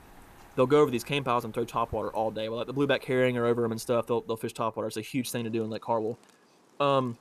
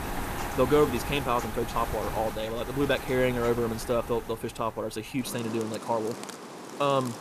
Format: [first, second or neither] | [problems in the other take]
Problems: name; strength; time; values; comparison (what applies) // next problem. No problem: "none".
first | rain or running water; loud; throughout; 8 dB below the speech; faint in the first